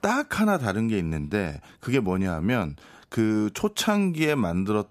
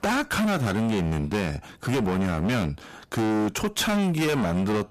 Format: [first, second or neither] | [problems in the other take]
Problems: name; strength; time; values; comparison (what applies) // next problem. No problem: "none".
first | distortion; heavy; 36% of the sound clipped